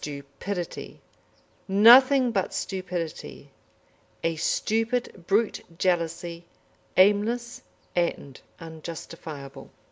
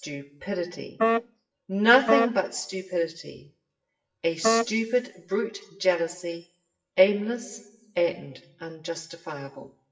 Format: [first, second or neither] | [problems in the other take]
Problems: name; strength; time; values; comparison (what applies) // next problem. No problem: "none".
first | noise reduction (classical method WPE with log-MMSE)